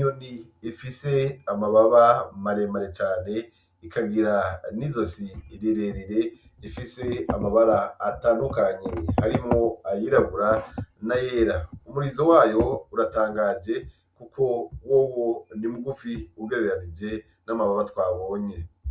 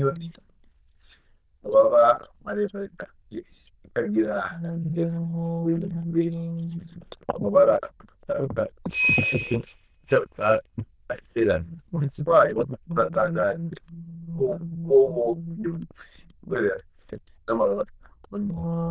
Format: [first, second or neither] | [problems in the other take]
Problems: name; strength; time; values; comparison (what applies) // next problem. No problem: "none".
first | noise reduction (neural diffusion model UNIVERSE++)